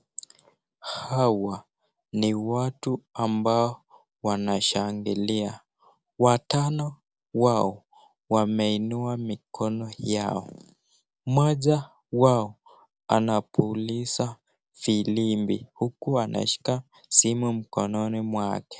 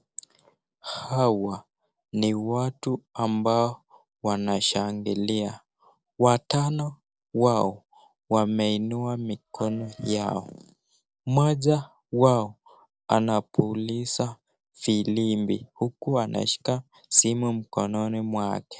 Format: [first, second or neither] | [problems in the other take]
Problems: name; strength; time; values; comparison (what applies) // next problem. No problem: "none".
first | noise reduction (neural separator model SepFormer DNS4)